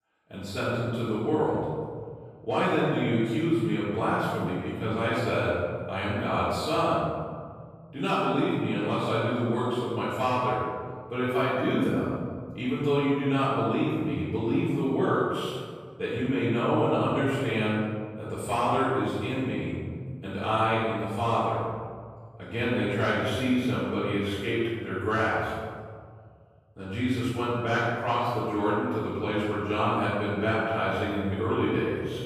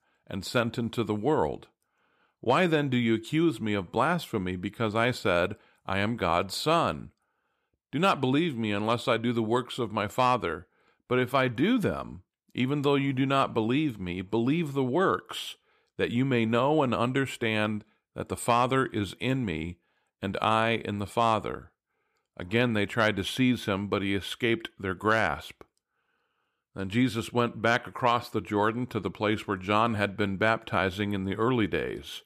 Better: second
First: off-mic speech; far // room echo; strong; dies away in 1.9 s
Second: none

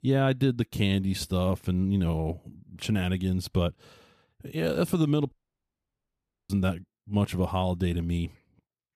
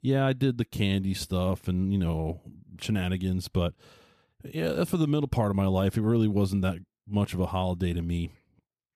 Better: second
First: audio cutting out; at 5.5 s for 1 s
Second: none

